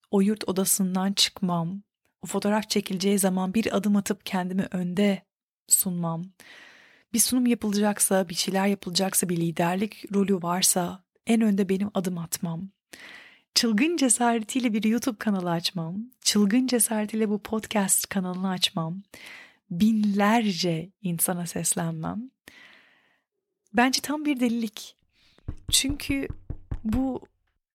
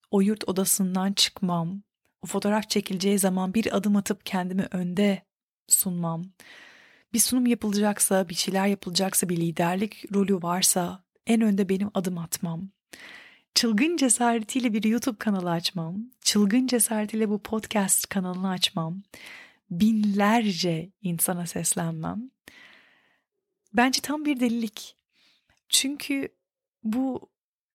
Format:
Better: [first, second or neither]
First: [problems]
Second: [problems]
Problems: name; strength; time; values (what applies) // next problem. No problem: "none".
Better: second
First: door banging; faint; from 25 to 27 s; peak 10 dB below the speech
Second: none